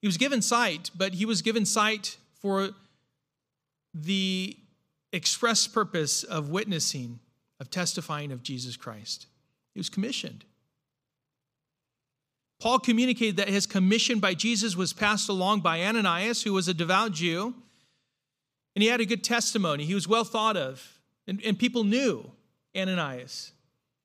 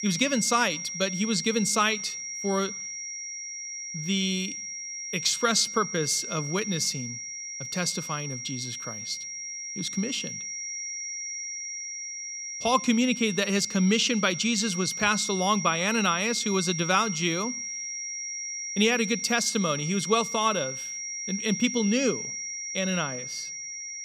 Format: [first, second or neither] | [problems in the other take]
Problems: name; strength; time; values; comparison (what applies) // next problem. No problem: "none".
first | high-pitched whine; loud; throughout; 5.5 kHz, 6 dB below the speech